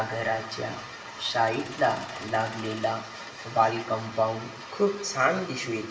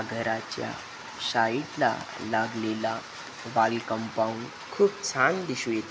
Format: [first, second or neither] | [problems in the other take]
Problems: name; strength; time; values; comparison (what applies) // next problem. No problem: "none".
second | background sound (Gunshot, gunfire); 18 dB below the speech // room echo; dies away in 0.7 s